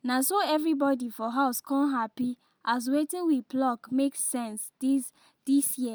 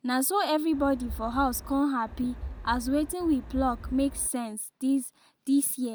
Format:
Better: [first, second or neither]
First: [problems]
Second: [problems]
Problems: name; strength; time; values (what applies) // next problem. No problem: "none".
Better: first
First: none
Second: background sound (Wind); 11 dB below the speech